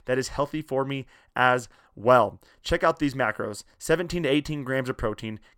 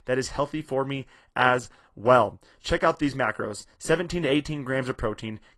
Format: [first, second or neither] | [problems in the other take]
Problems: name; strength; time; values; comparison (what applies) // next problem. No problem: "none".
first | garbled, watery; slightly